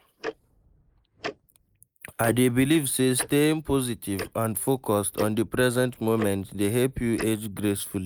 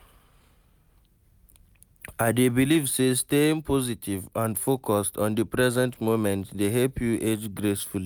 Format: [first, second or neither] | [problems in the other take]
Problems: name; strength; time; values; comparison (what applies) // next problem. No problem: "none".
second | noise reduction (neural mask model Resemble Enhance denoiser)